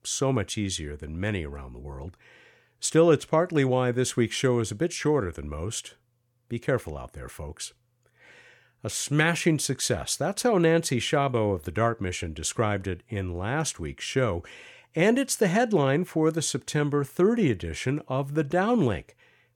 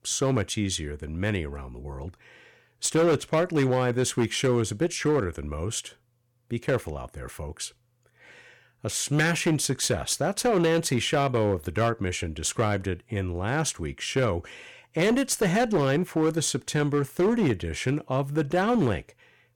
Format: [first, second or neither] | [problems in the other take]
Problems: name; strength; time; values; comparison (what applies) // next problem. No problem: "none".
first | distortion; slight; 6% of the sound clipped